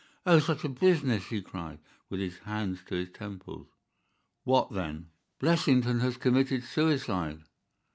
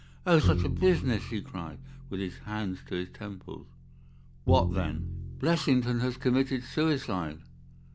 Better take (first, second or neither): first